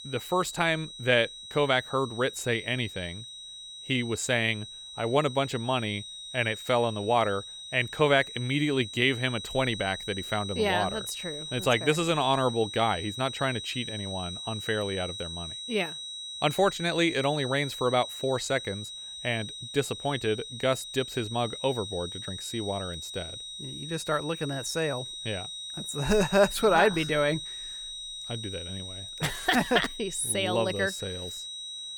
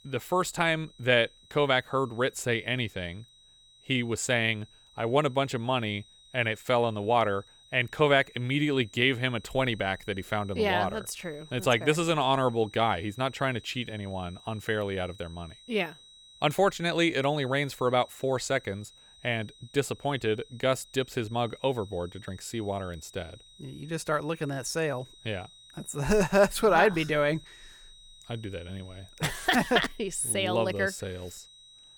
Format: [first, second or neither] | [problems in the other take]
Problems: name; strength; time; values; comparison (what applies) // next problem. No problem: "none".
second | high-pitched whine; loud; throughout; 4 kHz, 9 dB below the speech; faint in the second